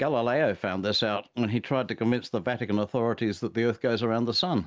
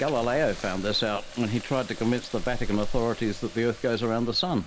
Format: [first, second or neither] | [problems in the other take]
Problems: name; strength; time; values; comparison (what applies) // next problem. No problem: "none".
first | background sound (Fire + Water tap, faucet); 8 dB below the speech